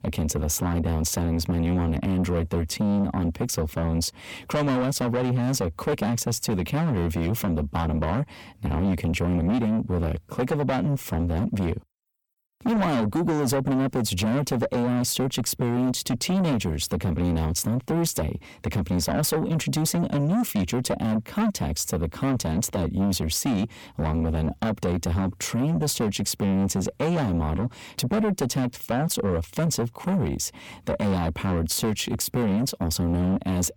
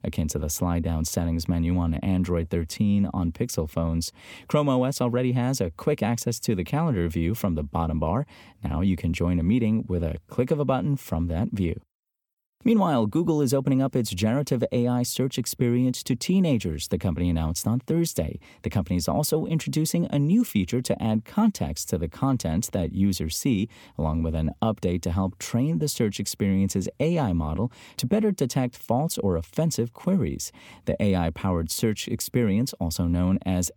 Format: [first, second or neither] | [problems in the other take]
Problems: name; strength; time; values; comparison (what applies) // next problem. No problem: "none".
second | distortion; heavy; 8 dB below the speech